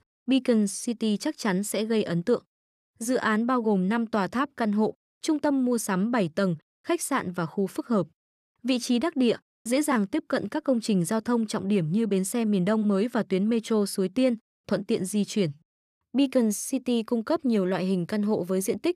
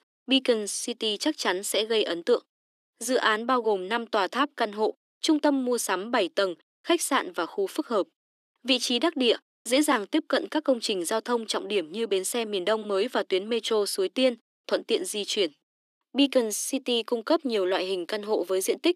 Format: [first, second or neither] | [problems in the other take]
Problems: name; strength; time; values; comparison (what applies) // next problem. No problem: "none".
first | thin; somewhat; fading below 300 Hz